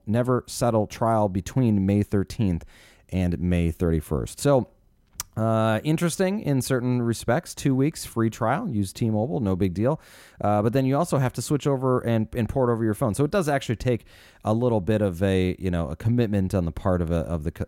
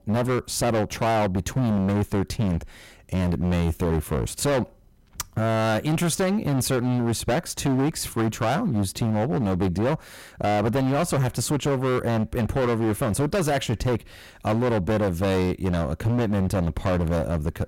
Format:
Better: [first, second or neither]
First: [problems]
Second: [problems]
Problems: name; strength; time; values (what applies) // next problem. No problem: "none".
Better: first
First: none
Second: distortion; heavy; 22% of the sound clipped